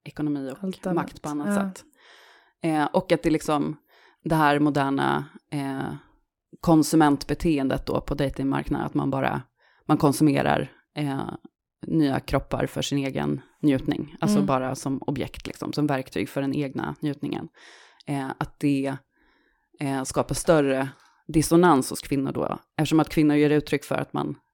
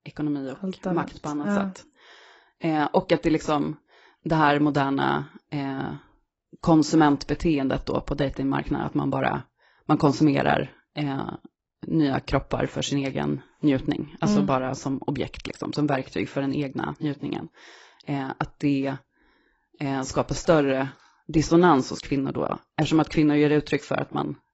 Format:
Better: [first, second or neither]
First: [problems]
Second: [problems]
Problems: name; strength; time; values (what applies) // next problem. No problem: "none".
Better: first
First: none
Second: garbled, watery; badly; nothing above 7.5 kHz